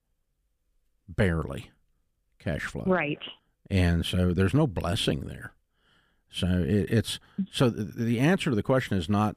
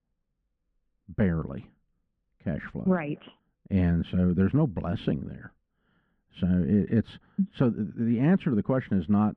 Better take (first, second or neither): first